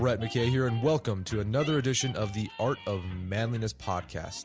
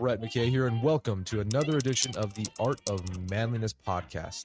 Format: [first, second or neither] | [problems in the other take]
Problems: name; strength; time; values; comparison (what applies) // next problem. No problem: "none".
first | noise reduction (neural mask model RNNoise)